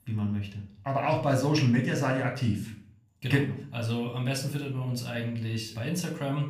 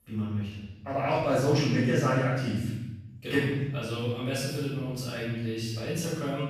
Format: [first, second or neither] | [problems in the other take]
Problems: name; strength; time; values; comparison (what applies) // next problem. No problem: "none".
first | room echo; strong; dies away in 0.9 s; slight in the first // off-mic speech; far; somewhat distant in the first